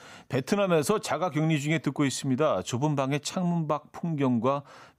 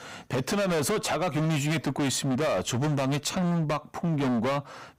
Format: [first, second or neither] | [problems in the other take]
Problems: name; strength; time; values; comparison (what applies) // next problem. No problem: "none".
first | distortion; heavy; 34% of the sound clipped